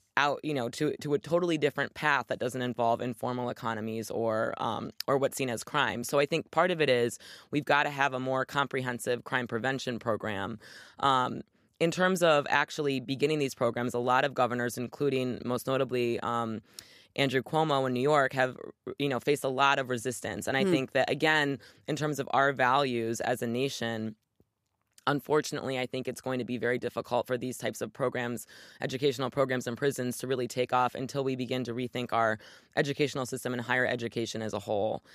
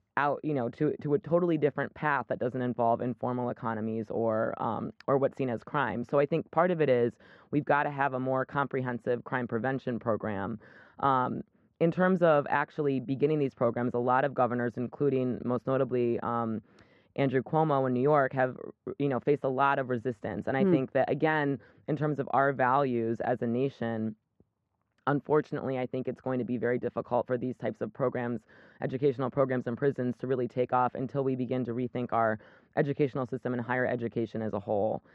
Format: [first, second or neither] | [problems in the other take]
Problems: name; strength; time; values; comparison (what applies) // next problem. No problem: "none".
first | muffled; very; fading above 1.5 kHz